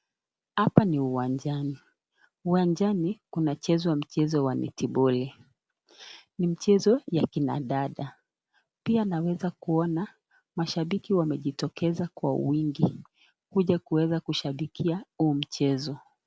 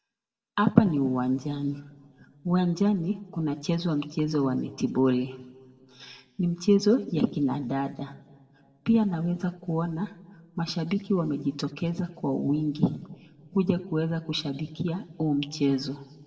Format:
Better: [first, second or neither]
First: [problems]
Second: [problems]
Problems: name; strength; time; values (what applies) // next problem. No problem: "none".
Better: first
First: none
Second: room echo; dies away in 1.6 s